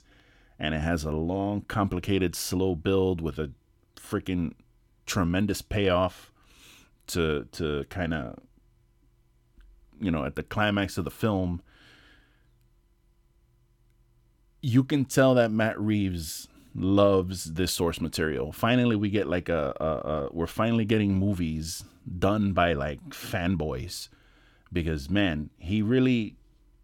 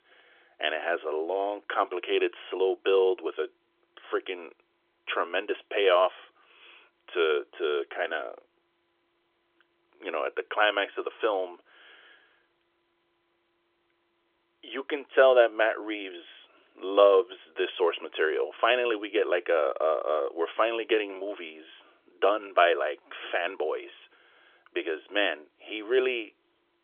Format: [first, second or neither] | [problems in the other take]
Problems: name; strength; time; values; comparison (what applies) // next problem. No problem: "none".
first | phone-call audio; nothing above 3.5 kHz